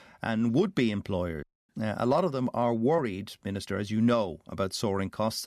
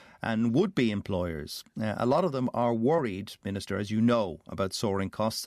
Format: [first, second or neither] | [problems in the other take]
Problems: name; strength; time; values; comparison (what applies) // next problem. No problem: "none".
second | audio cutting out; at 1.5 s